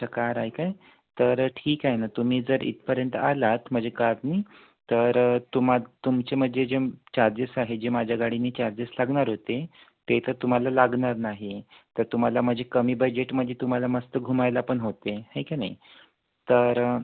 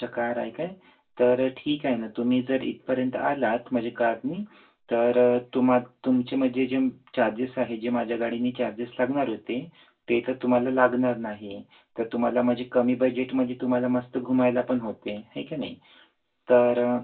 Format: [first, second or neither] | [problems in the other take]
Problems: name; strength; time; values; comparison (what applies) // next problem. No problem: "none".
first | room echo; dies away in 0.2 s